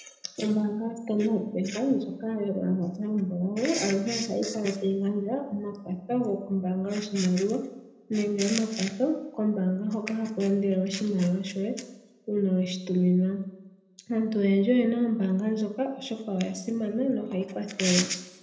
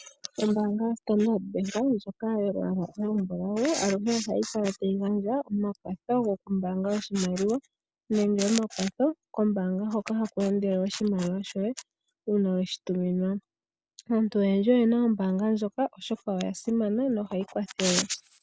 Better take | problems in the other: second | room echo; dies away in 0.6 s

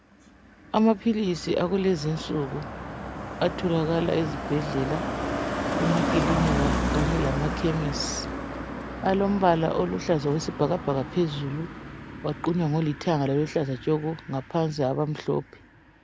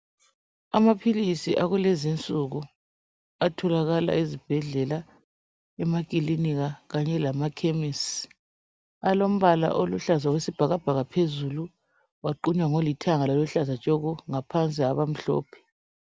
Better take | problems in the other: second | background sound (Car passing by); 5 dB below the speech

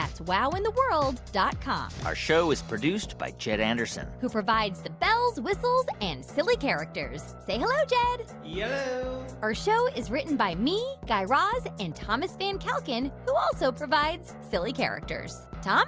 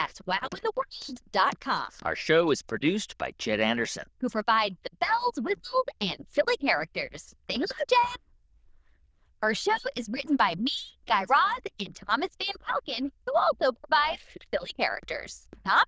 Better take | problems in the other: first | noise reduction (neural diffusion model UNIVERSE++)

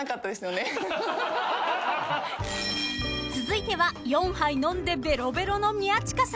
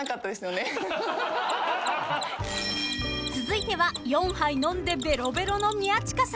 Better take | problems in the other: first | background sound (Mechanisms); 16 dB below the speech

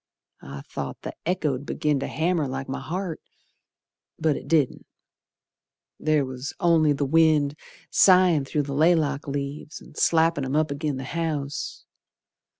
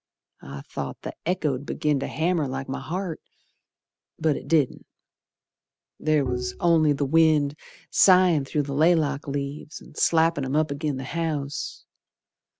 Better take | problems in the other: first | background sound (Bowed string instrument); 8 dB below the speech

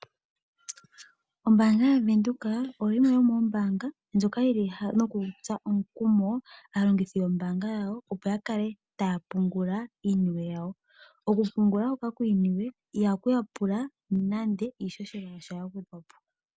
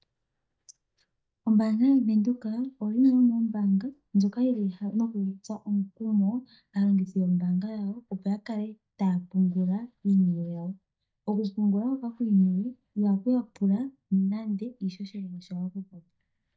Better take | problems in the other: first | noise reduction (neural mask model DeepFilterNet 3)

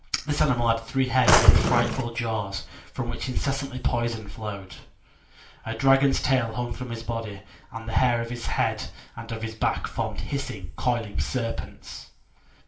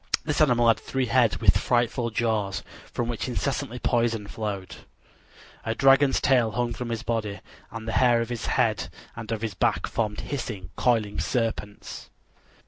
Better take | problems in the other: second | background sound (Drawer open or close); 1 dB above the speech // room echo; dies away in 0.3 s

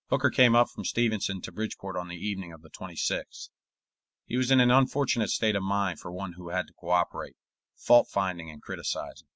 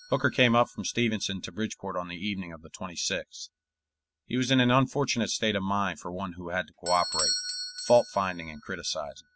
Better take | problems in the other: first | background sound (Bell / Doorbell); 11 dB below the speech

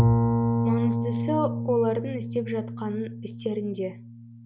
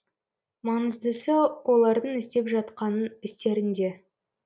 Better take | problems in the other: second | background sound (Bowed string instrument); 3 dB above the speech

